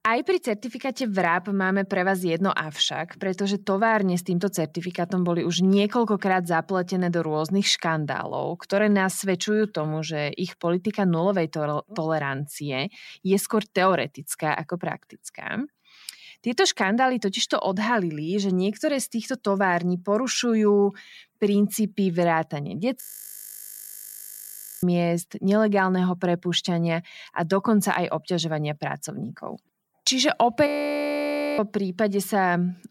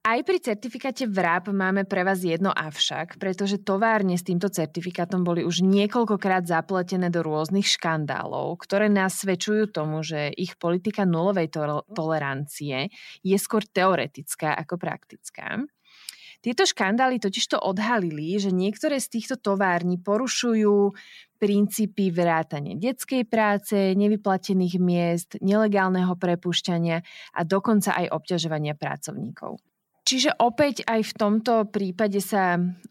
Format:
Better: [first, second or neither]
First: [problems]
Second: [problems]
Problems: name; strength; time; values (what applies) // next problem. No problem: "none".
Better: second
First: audio freezing; at 23 s for 2 s and at 31 s for 1 s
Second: none